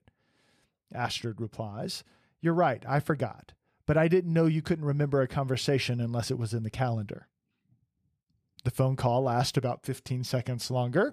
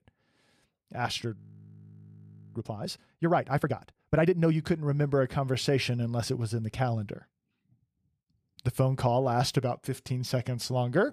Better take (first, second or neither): first